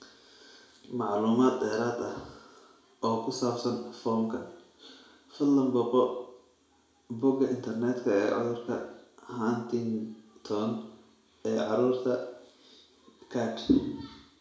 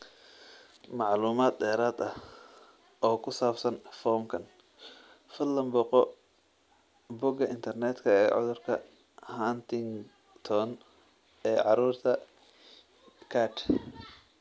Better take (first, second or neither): second